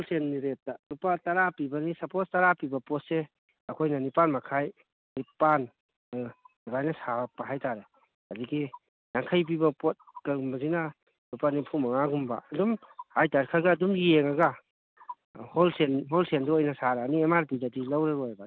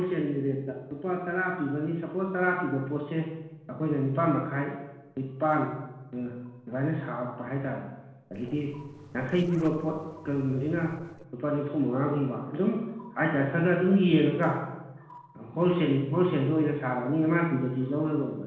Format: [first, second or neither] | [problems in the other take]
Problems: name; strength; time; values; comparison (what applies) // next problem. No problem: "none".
first | noise reduction (neural separator model SepFormer DNS4)